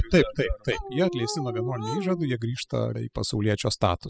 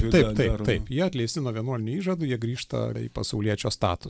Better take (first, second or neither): second